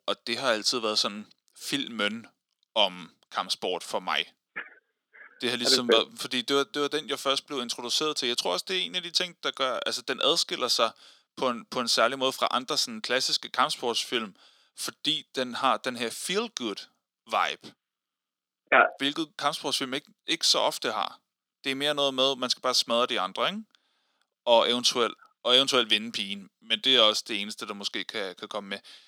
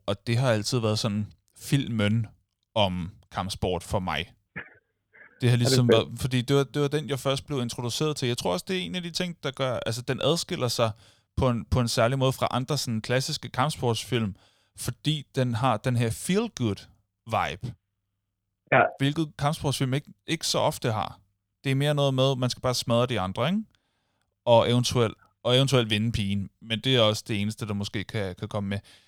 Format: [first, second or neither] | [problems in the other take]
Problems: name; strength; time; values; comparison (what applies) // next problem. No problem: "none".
second | thin; somewhat; fading below 250 Hz